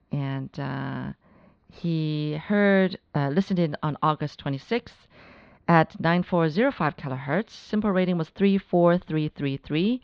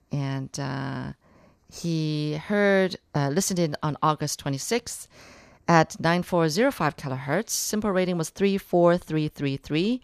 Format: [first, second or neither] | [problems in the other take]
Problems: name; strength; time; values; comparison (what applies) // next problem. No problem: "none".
second | muffled; slightly; fading above 4 kHz